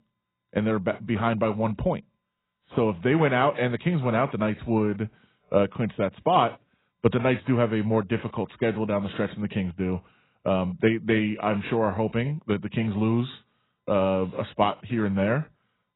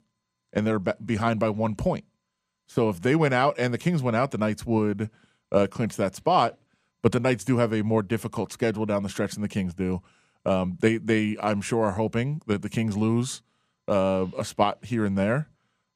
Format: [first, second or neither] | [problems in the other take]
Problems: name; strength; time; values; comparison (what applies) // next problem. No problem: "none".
second | garbled, watery; badly; nothing above 4 kHz